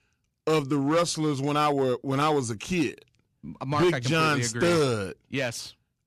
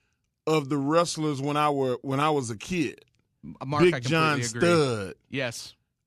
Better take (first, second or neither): second